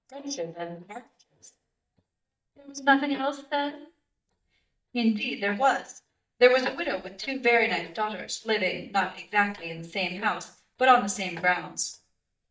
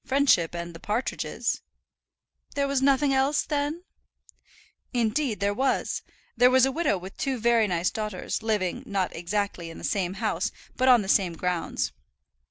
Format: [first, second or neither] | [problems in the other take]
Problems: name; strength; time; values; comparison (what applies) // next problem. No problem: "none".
second | noise reduction (neural mask model DeepFilterNet 3)